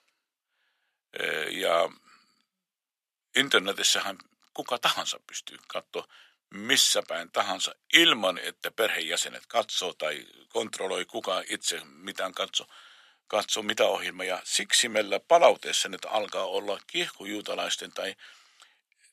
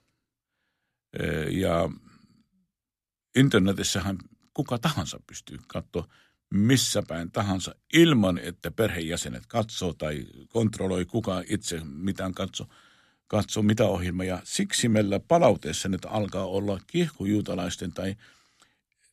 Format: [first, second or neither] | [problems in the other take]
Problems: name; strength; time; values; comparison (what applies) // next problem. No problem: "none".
second | thin; very; fading below 700 Hz